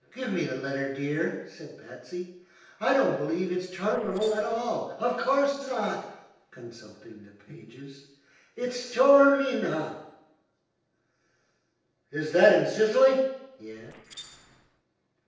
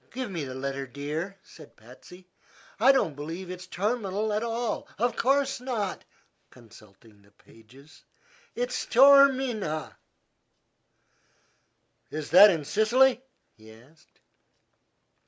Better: second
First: noise reduction (neural separator model SepFormer DNS4)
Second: none

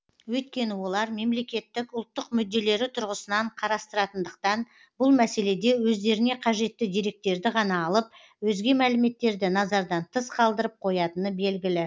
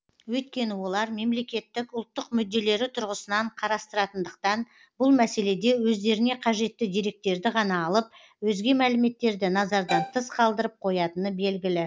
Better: first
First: none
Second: background sound (Bowed string instrument); 3 dB below the speech

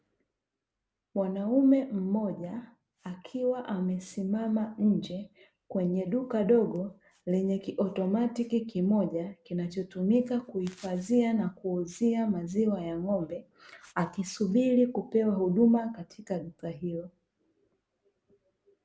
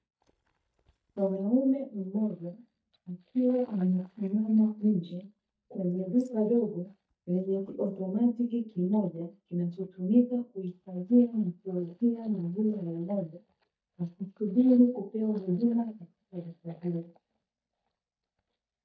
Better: first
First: none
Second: noise reduction (neural mask model DeepFilterNet 3)

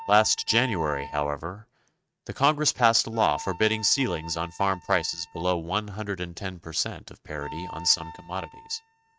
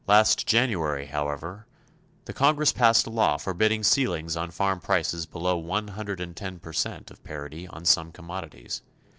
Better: second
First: noise reduction (neural mask model RNNoise)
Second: none

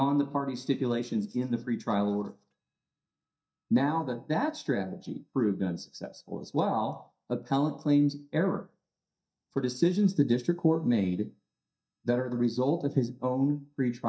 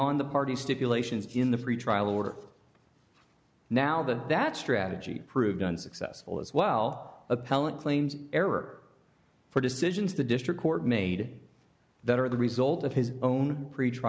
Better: second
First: noise reduction (neural mask model DeepFilterNet 3)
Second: none

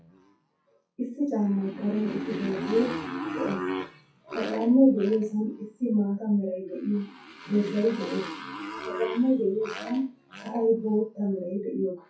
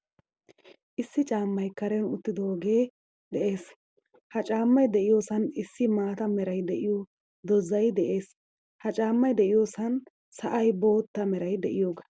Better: second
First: noise reduction (classical method WPE with log-MMSE)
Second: none

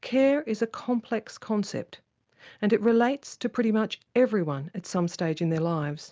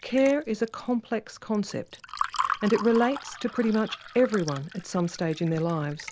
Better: first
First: none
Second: background sound (Fill (with liquid) / Water); 10 dB below the speech

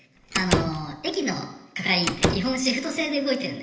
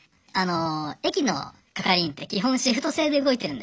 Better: second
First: background sound (Slam); 2 dB below the speech // room echo; dies away in 1.4 s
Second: none

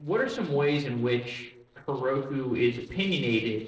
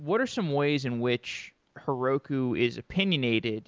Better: second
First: noise reduction (neural separator model SepFormer DNS4)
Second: none

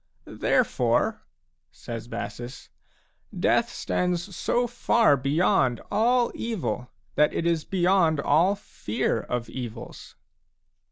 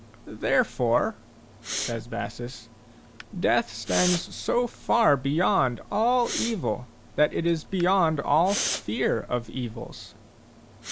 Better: first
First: none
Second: background sound (Respiratory sounds); 12 dB below the speech

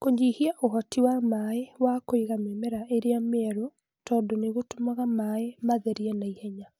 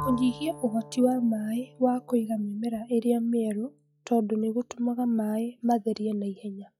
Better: first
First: none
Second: noise reduction (classical method log-MMSE)

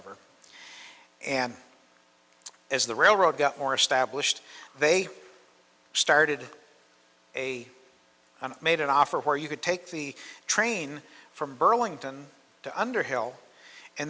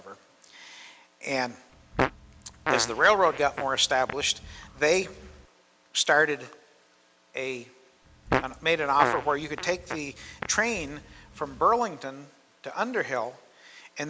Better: first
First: none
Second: background sound (Fart); 6 dB below the speech

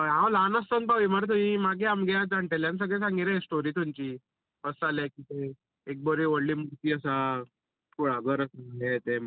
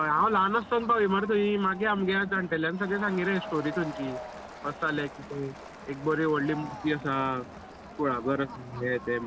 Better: first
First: none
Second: background sound (Crowd); 14 dB below the speech

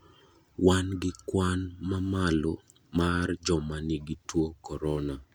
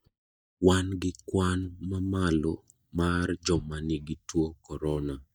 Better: first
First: none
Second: noise reduction (neural mask model DeepFilterNet 3)

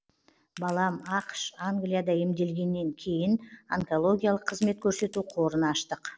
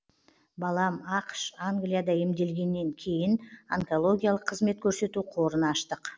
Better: second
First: noise reduction (neural separator model SepFormer DNS4)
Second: none

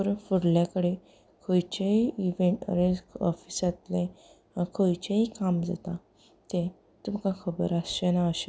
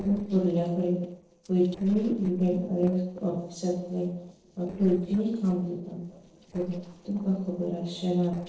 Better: first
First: none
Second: noise reduction (neural separator model SepFormer DNS4)

